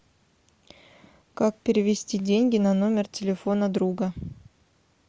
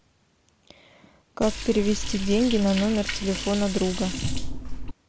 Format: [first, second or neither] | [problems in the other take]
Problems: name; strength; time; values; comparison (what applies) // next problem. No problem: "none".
first | background sound (Liquid); 3 dB below the speech